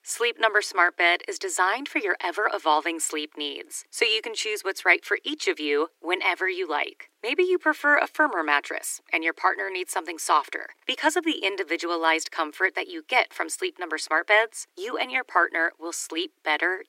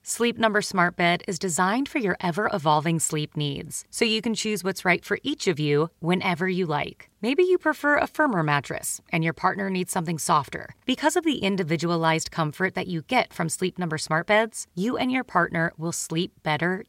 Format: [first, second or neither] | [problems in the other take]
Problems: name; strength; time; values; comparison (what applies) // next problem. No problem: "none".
second | thin; very; fading below 300 Hz